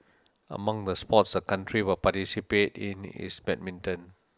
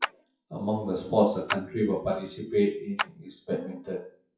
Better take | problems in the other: first | noise reduction (classical method WPE with log-MMSE)

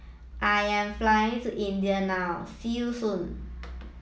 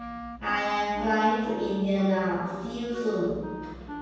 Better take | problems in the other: first | background sound (Wind instrument, woodwind instrument); 13 dB below the speech // room echo; dies away in 1.2 s

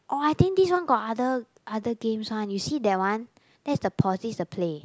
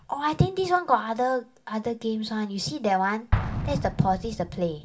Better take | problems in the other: first | background sound (Explosion); 8 dB below the speech // room echo; dies away in 0.2 s

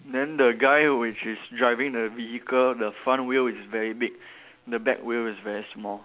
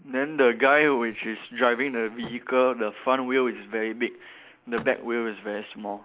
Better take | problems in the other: first | noise reduction (neural mask model Resemble Enhance denoiser)

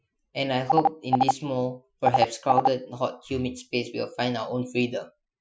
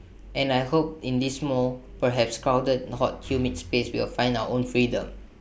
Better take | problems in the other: second | noise reduction (classical method Wiener filter)

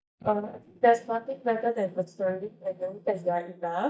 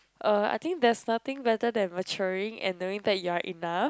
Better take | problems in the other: second | noise reduction (neural mask model DeepFilterNet 3)

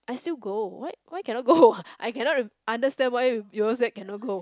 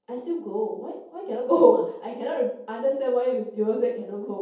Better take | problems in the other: first | room echo; dies away in 0.7 s

